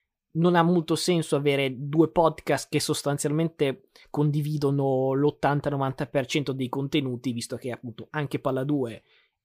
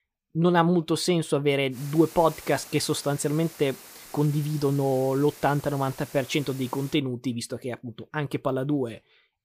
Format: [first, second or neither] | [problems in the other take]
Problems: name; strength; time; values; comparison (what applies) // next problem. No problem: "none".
first | hiss; noticeable; from 2 to 7 s; 20 dB below the speech